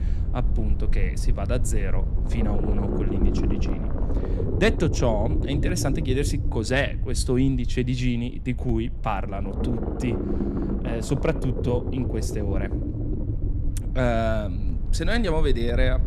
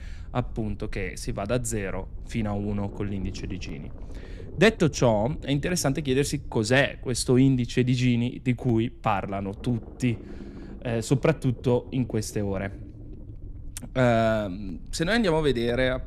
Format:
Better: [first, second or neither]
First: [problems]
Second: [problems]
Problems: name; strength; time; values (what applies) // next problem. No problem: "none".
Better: second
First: low rumble; loud; throughout; 7 dB below the speech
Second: low rumble; faint; throughout; 25 dB below the speech